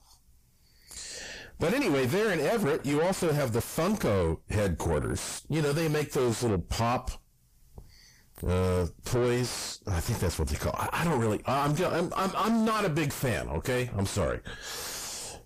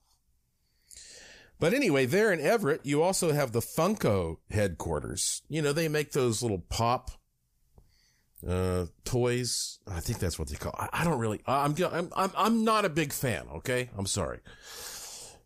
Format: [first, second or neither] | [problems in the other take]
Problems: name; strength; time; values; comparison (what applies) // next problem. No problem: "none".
second | distortion; heavy; 6 dB below the speech